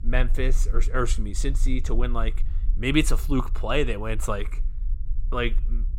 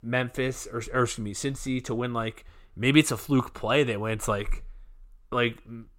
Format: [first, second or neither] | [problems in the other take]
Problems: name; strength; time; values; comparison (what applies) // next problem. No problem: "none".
second | low rumble; faint; throughout; 25 dB below the speech